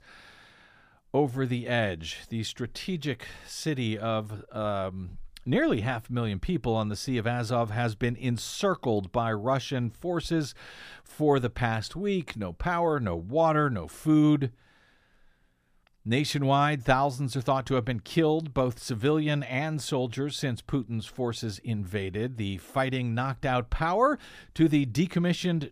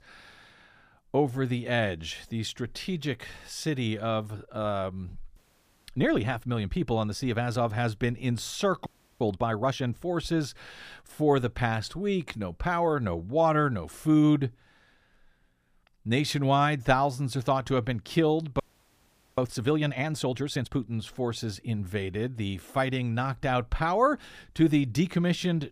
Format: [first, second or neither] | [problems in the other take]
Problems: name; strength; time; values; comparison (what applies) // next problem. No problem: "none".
first | audio freezing; at 5.5 s for 0.5 s, at 9 s and at 19 s for 1 s